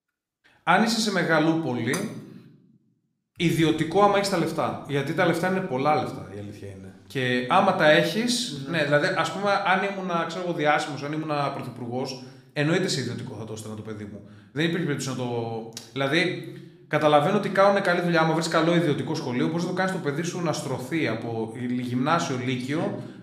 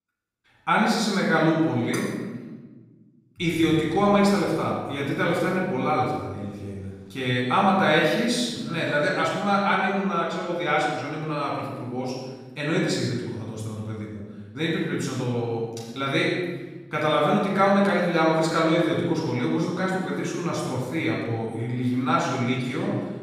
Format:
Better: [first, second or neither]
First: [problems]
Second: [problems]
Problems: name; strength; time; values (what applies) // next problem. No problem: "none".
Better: first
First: room echo; slight; dies away in 0.6 s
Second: room echo; strong; dies away in 1.2 s // off-mic speech; far